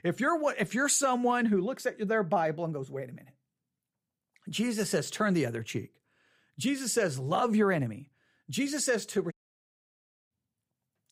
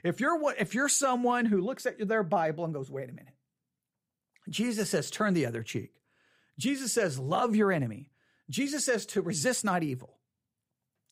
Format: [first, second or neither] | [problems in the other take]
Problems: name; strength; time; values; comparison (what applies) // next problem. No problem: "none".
second | audio cutting out; at 9.5 s for 1 s